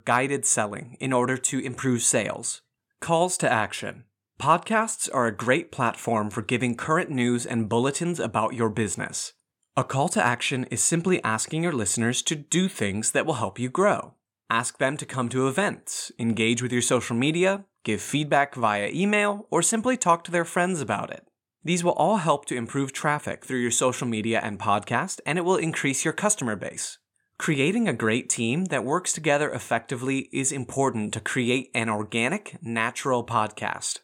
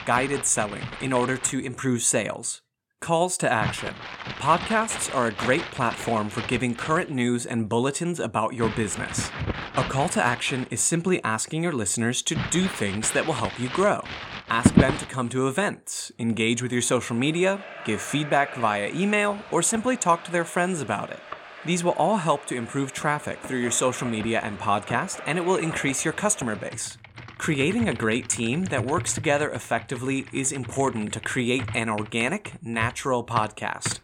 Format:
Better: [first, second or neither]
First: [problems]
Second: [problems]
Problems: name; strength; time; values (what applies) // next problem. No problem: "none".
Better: first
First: none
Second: household noises; loud; throughout; 9 dB below the speech